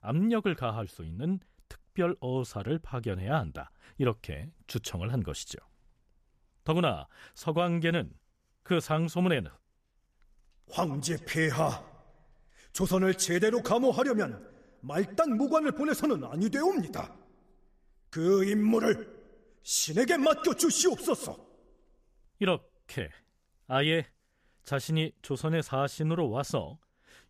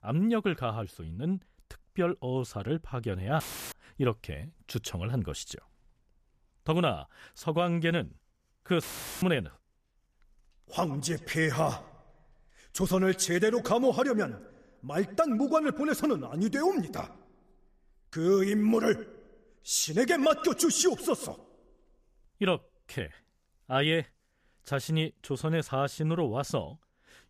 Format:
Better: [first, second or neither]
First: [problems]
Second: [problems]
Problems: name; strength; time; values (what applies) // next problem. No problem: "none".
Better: first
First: none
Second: audio cutting out; filled with static; at 3.5 s and at 9 s